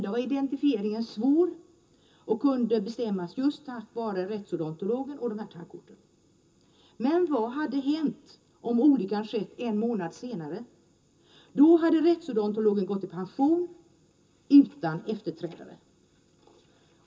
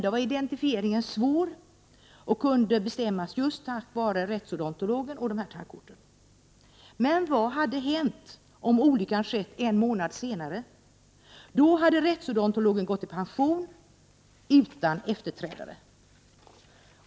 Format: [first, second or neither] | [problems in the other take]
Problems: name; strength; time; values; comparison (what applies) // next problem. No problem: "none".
second | room echo; dies away in 0.2 s